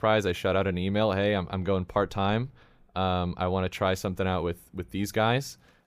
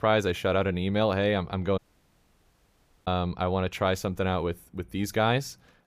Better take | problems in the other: first | audio cutting out; at 2 s for 1.5 s

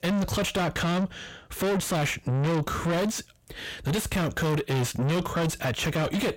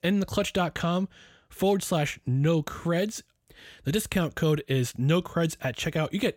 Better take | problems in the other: second | distortion; heavy; 6 dB below the speech

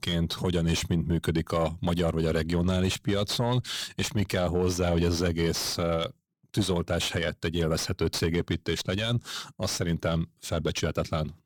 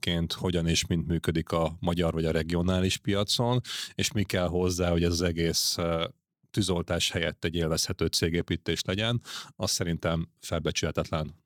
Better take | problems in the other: second | distortion; slight; 10 dB below the speech

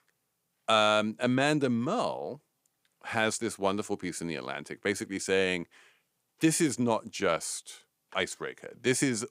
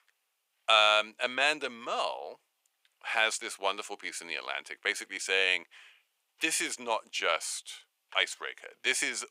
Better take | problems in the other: first | thin; very; fading below 750 Hz

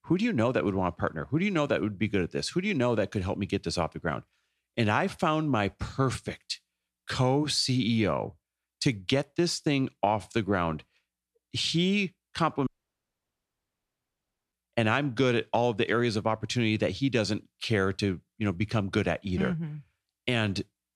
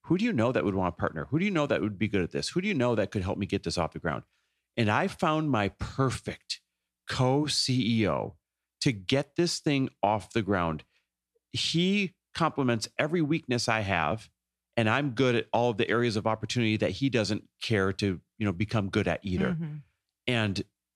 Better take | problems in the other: second | audio cutting out; at 13 s for 2 s

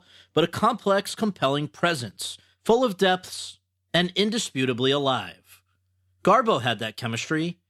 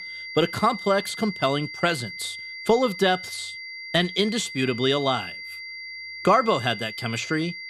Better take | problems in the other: first | high-pitched whine; noticeable; throughout; 2 kHz, 10 dB below the speech

